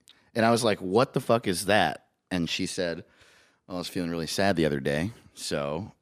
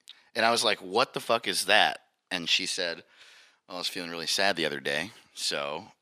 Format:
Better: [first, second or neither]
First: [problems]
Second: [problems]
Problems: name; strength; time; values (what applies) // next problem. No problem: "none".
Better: first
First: none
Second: thin; somewhat; fading below 700 Hz